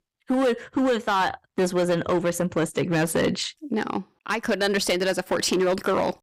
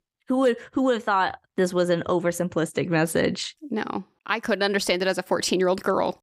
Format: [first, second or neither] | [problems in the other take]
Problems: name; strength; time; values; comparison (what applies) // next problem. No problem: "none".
second | distortion; slight; 11% of the sound clipped